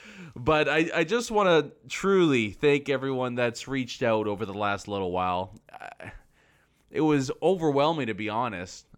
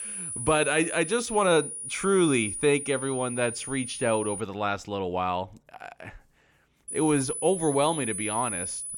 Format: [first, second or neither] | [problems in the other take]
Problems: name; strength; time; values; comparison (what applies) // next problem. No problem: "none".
first | high-pitched whine; loud; until 4.5 s and from 7 s on; 10 kHz, 6 dB below the speech